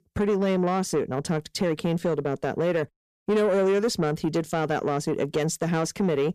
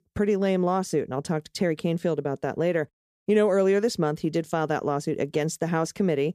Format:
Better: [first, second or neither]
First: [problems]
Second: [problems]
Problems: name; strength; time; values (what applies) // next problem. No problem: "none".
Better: second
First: distortion; slight; 10 dB below the speech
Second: none